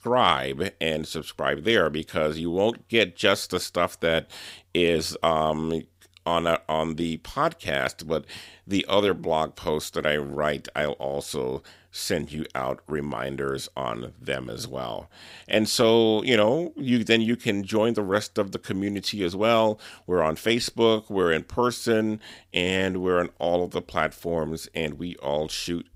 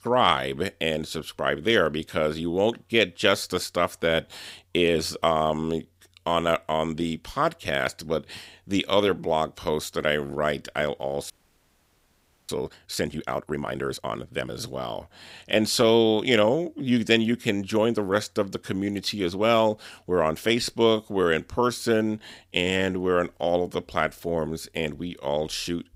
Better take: first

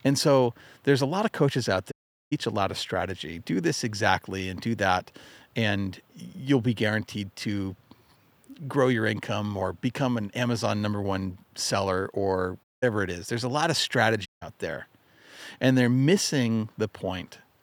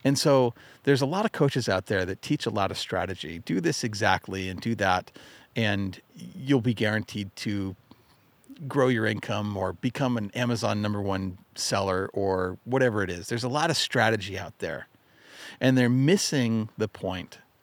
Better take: second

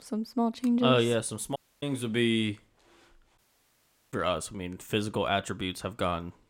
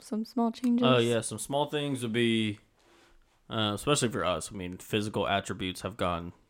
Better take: second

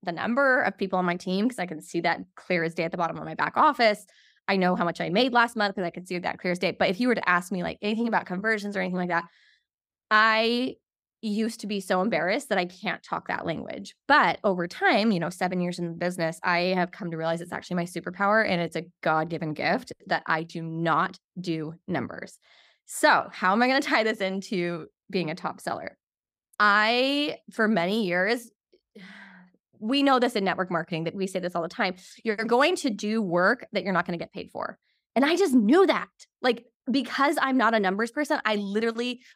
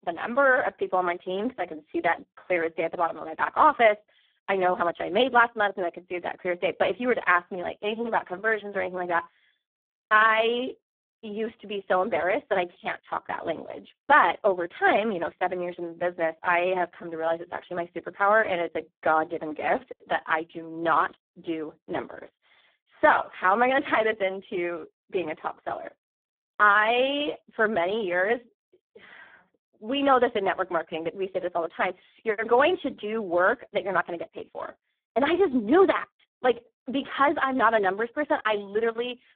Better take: first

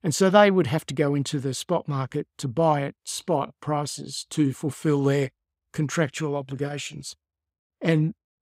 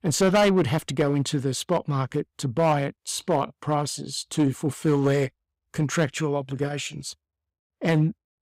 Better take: first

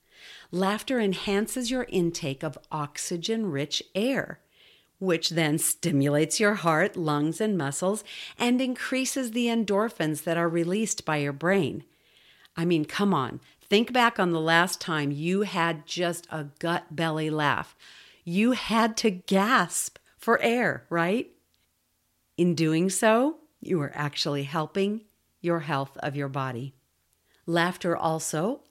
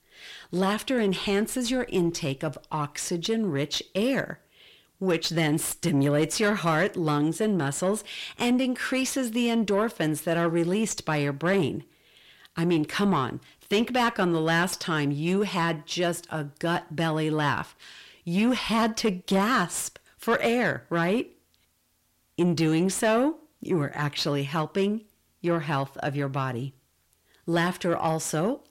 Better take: first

